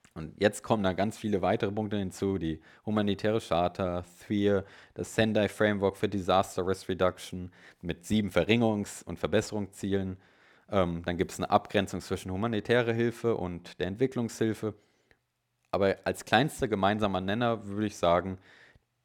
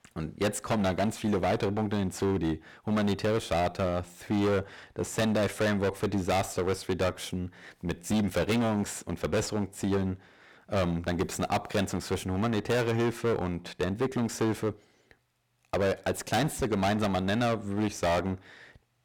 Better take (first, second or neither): first